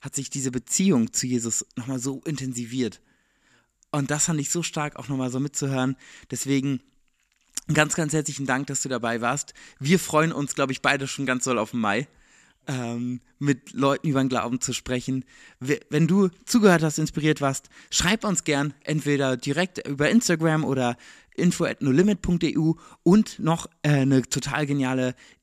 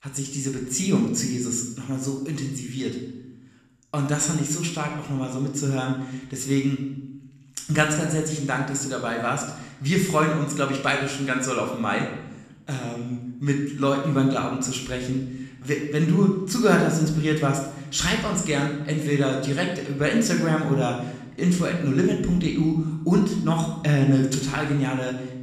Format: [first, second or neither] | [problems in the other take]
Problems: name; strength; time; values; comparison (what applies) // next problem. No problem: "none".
first | room echo; noticeable; dies away in 0.8 s // off-mic speech; somewhat distant